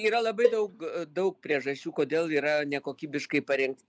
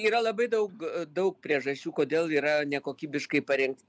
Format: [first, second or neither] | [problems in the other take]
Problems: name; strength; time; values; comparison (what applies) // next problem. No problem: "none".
second | noise reduction (neural mask model DeepFilterNet 3)